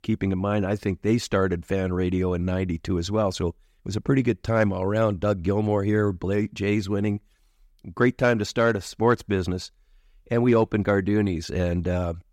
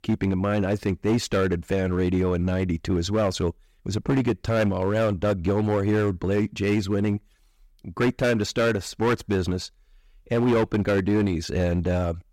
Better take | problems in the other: first | distortion; slight; 9% of the sound clipped

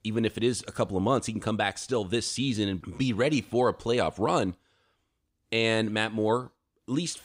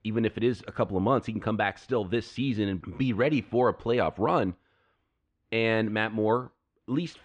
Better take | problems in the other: first | muffled; slightly; fading above 2 kHz

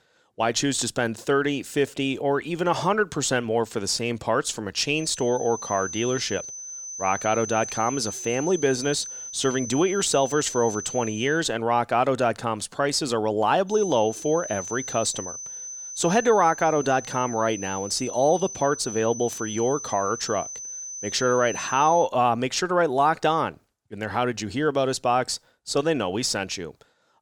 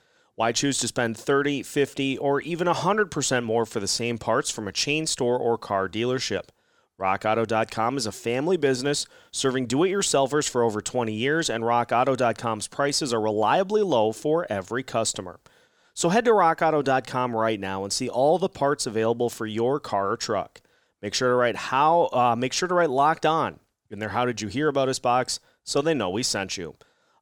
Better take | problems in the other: second | high-pitched whine; loud; from 5 to 11 s and from 14 to 22 s; 6 kHz, 9 dB below the speech

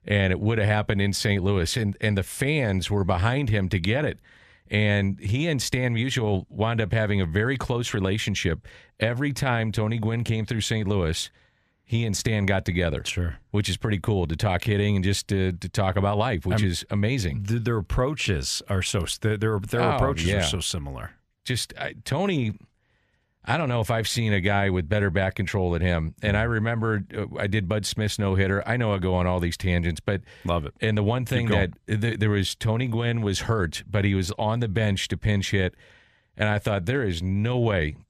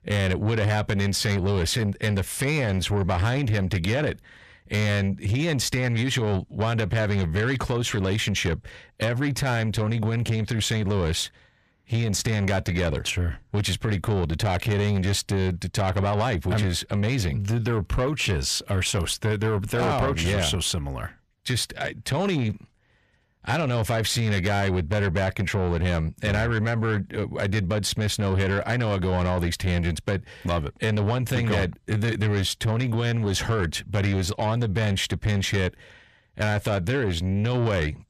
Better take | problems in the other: first | distortion; slight; 10 dB below the speech

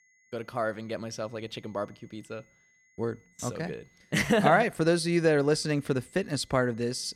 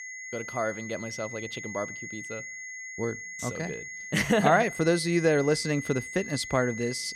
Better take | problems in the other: first | high-pitched whine; loud; throughout; 2 kHz, 10 dB below the speech; faint in the first

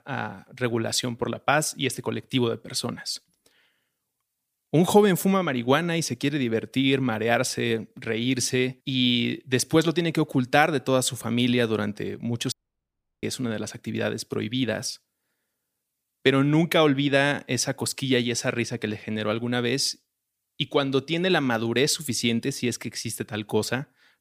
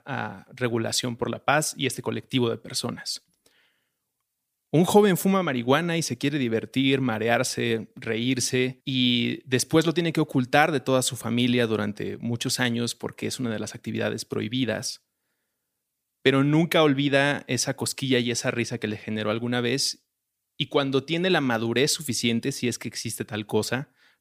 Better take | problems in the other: second | audio cutting out; at 13 s for 0.5 s

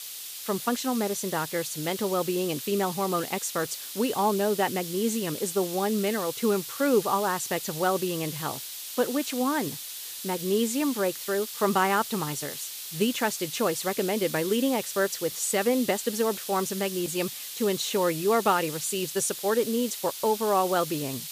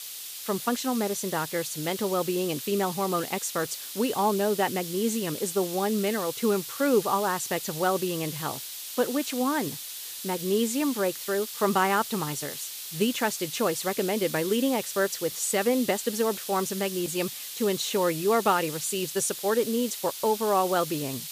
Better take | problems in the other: neither | hiss; loud; throughout; 7 dB below the speech; the same in both

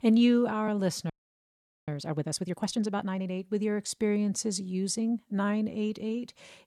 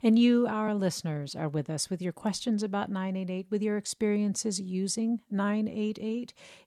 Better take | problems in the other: second | audio freezing; at 1 s for 1 s

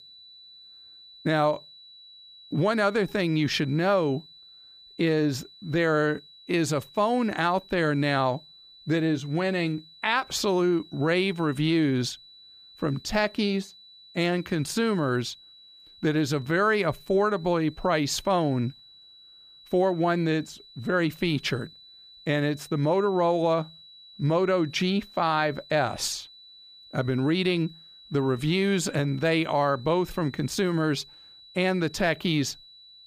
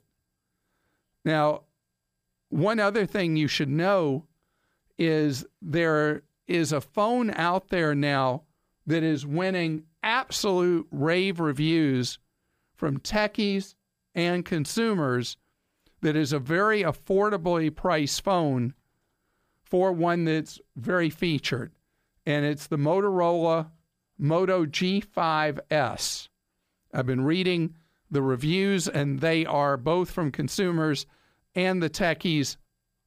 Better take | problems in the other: second | high-pitched whine; faint; throughout; 4 kHz, 20 dB below the speech

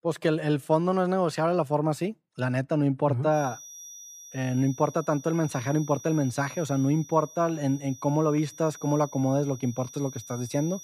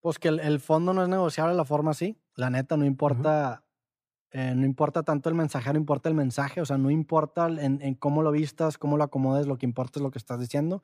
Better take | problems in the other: second | high-pitched whine; noticeable; from 3.5 s on; 6 kHz, 15 dB below the speech

